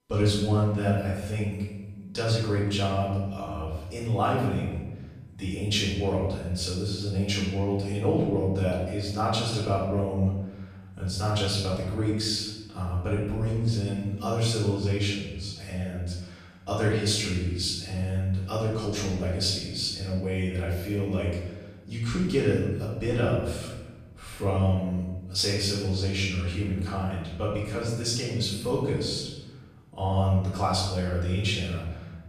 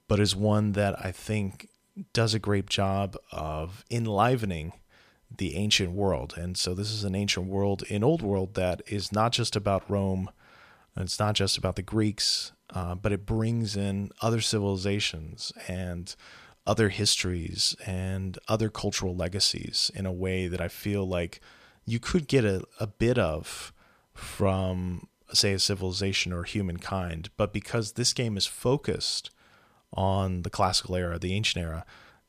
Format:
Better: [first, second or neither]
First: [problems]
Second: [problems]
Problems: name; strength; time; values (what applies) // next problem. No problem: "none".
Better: second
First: off-mic speech; far // room echo; noticeable; dies away in 1.1 s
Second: none